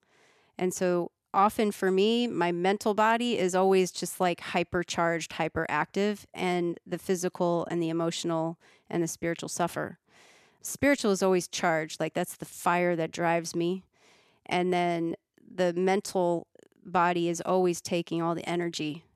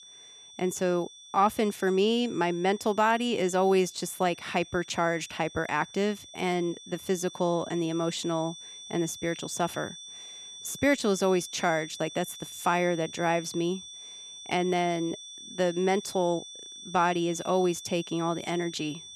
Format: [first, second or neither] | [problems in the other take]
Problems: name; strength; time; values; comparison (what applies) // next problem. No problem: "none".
first | high-pitched whine; noticeable; throughout; 3.5 kHz, 15 dB below the speech